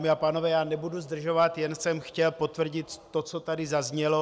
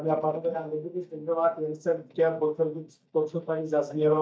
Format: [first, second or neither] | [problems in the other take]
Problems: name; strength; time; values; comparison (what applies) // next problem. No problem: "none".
first | noise reduction (neural mask model DeepFilterNet 3)